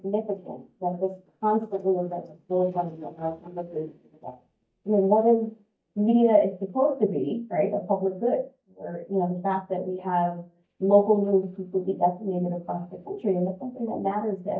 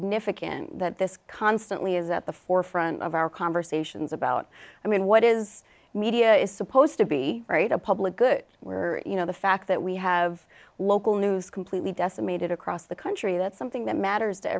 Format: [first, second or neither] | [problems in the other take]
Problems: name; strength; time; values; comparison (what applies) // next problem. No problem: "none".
second | noise reduction (neural mask model DeepFilterNet 3)